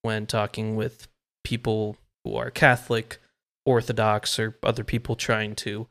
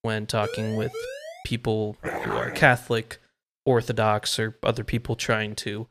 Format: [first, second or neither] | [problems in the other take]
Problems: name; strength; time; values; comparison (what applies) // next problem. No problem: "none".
first | siren; noticeable; until 1.5 s; peak 10 dB below the speech // dog barking; noticeable; at 2 s; peak 5 dB below the speech